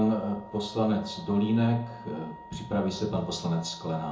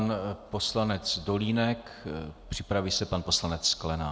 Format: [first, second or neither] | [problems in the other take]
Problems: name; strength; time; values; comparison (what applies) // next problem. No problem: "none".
second | background sound (Wind instrument, woodwind instrument); 18 dB below the speech // room echo; dies away in 0.6 s